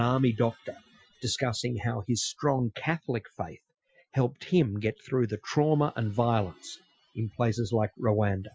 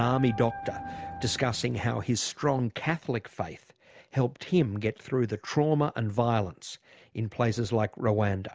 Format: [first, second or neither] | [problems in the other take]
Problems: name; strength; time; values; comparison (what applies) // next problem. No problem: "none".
second | noise reduction (classical method Wiener filter)